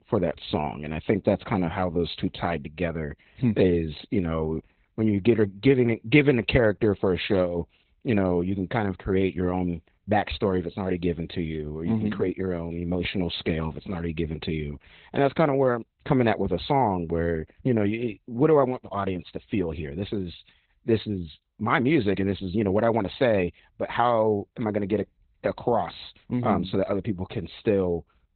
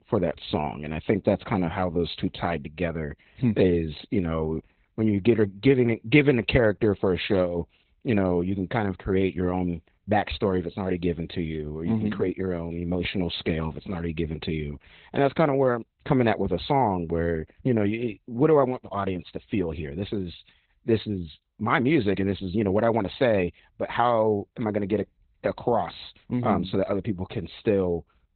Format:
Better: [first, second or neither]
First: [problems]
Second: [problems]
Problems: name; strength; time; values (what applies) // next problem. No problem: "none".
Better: neither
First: garbled, watery; badly; nothing above 4 kHz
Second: garbled, watery; badly; nothing above 4 kHz